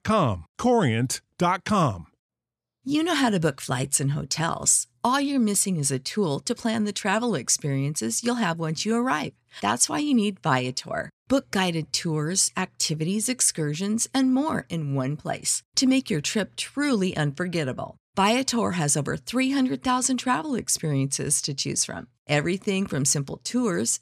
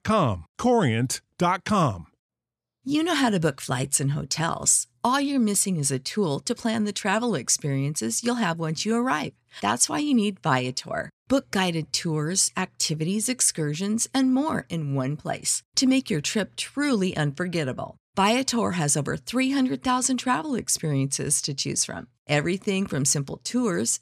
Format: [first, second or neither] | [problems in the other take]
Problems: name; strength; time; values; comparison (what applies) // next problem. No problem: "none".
neither | none